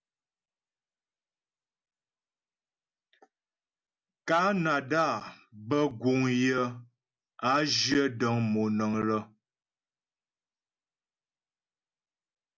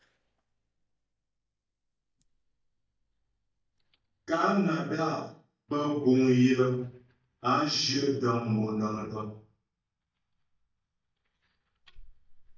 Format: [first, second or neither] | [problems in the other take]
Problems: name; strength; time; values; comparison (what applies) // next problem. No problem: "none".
first | noise reduction (neural mask model DeepFilterNet 3)